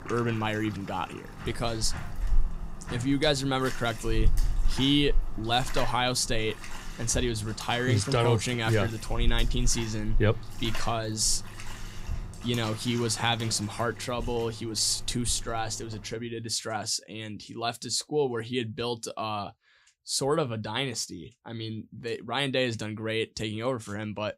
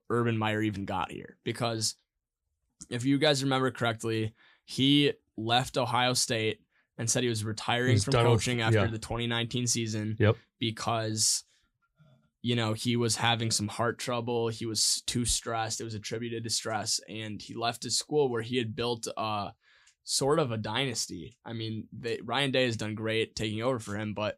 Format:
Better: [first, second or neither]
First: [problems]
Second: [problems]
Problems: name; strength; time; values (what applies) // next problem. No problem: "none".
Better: second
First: household noises; loud; until 16 s; 9 dB below the speech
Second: none